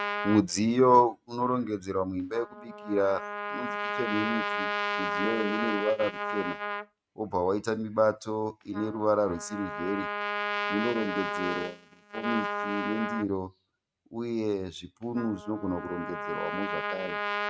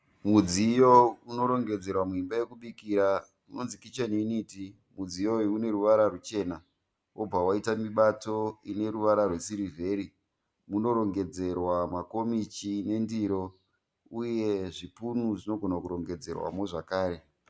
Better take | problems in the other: second | noise reduction (neural mask model RNNoise)

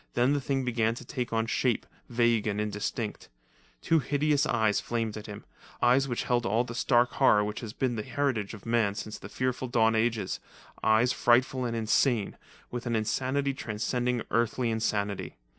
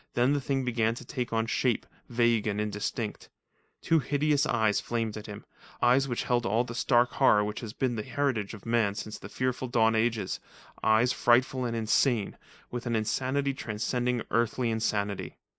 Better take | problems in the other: first | noise reduction (neural mask model Resemble Enhance denoiser)

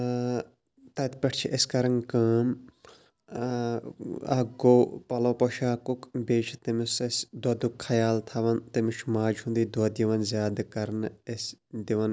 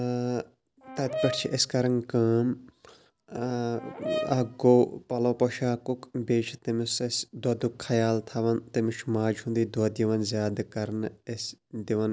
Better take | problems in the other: first | background sound (Brass instrument); 9 dB below the speech

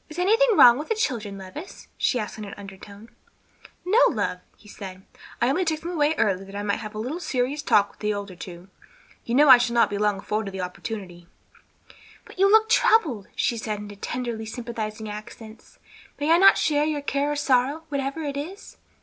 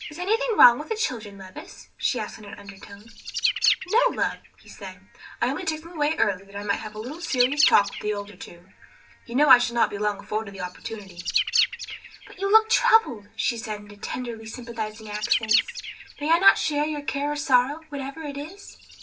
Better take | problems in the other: first | background sound (Bird); 8 dB below the speech // room echo; dies away in 0.2 s

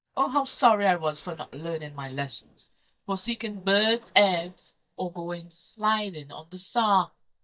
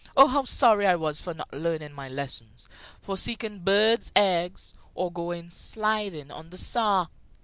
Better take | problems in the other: second | noise reduction (neural mask model DeepFilterNet 3)

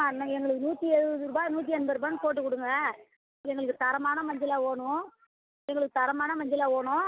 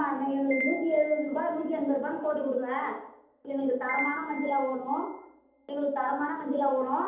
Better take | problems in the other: first | background sound (Piano); 10 dB below the speech // room echo; dies away in 2.2 s

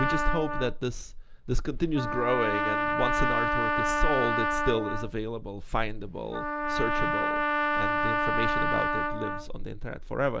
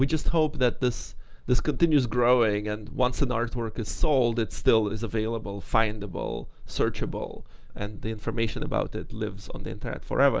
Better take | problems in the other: second | background sound (Trumpet); as loud as the speech

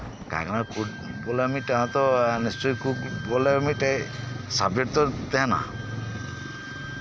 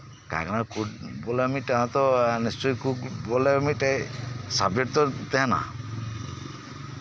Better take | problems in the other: second | background sound (Wind instrument, woodwind instrument + Thunder); 13 dB below the speech

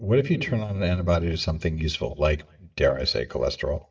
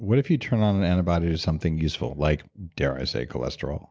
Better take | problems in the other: second | noise reduction (neural mask model DeepFilterNet 3)

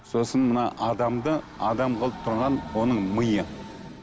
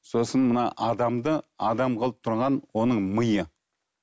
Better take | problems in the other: second | background sound (Train); 13 dB below the speech

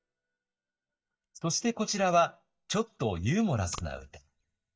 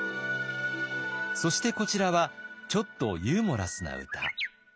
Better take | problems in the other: second | noise reduction (neural mask model DeepFilterNet 3)

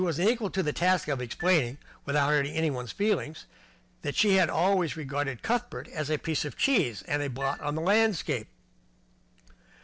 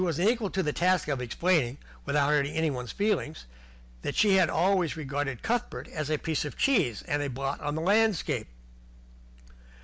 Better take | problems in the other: second | noise reduction (neural separator model SepFormer DNS4)

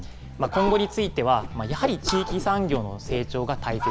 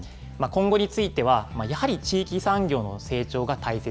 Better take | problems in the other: second | background sound (Whoosh, swoosh, swish + Fowl); 6 dB below the speech

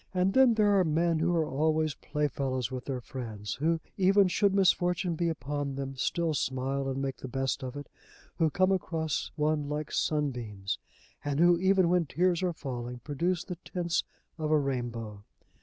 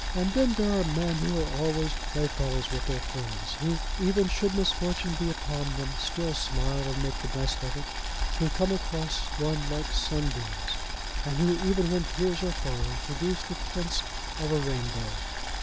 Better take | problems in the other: first | background sound (Boiling); 1 dB below the speech

